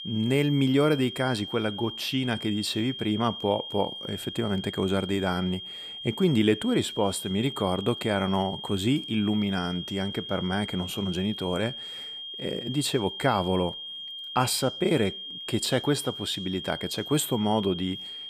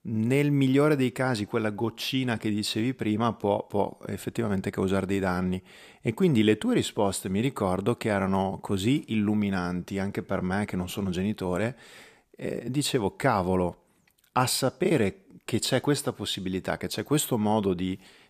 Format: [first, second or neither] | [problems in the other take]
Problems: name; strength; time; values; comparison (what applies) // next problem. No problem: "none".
second | high-pitched whine; loud; throughout; 3 kHz, 8 dB below the speech